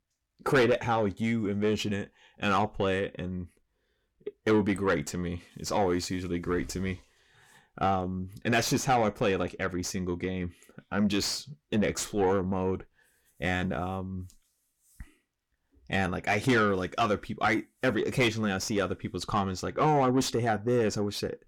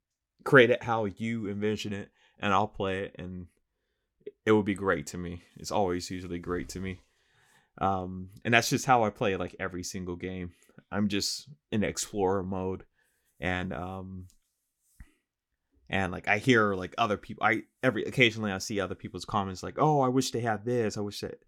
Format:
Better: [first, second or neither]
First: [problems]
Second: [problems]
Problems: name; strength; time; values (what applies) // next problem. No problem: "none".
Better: second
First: distortion; heavy; 7 dB below the speech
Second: none